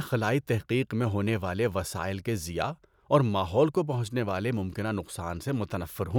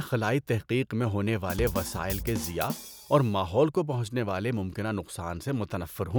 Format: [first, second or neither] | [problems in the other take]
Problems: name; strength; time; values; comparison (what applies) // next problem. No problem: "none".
first | background sound (Drum kit); 8 dB below the speech